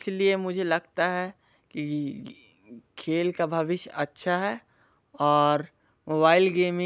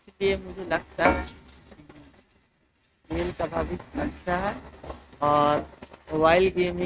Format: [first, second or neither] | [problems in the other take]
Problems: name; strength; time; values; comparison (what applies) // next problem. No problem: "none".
first | noise reduction (neural mask model RNNoise)